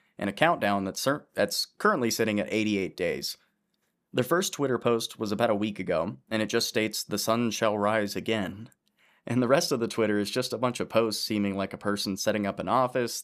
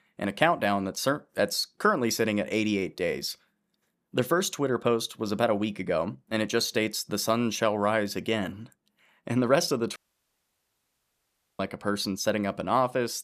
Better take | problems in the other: first | audio cutting out; at 10 s for 1.5 s

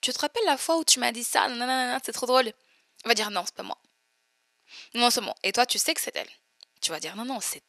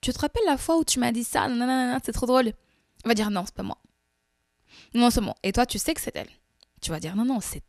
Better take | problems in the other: second | thin; somewhat; fading below 500 Hz

